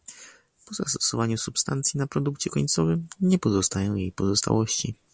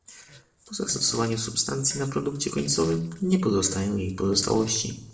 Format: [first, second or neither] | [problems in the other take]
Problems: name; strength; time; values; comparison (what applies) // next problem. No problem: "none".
first | noise reduction (neural separator model SepFormer DNS4)